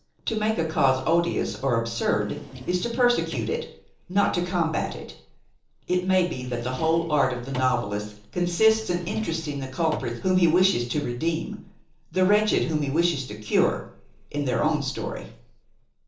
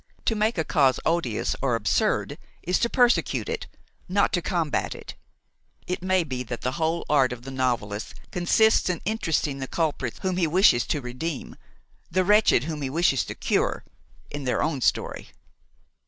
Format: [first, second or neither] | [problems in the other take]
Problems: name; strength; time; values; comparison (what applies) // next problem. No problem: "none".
second | noise reduction (neural separator model SepFormer DNS4)